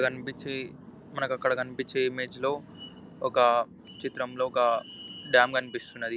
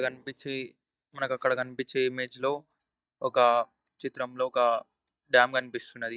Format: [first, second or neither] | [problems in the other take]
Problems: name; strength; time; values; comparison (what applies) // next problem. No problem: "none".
first | noise reduction (neural mask model DeepFilterNet 3)